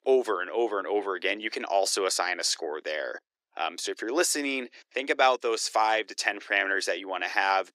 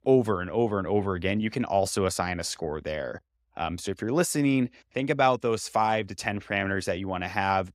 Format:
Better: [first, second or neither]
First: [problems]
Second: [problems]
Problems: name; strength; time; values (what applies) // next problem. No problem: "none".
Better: second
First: thin; somewhat; fading below 350 Hz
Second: none